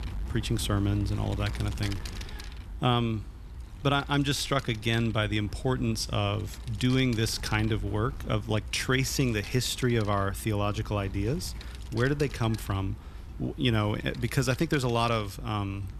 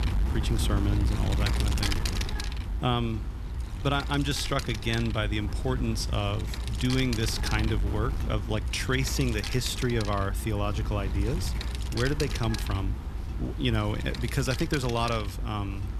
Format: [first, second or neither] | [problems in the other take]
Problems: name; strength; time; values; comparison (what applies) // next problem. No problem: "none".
first | wind noise on the microphone; heavy; 6 dB below the speech; occasional gusts in the first